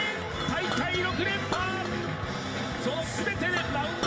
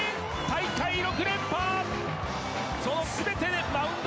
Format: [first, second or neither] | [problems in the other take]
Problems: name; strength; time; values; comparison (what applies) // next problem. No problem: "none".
second | background sound (Chink, clink); 12 dB below the speech // room echo; dies away in 1.9 s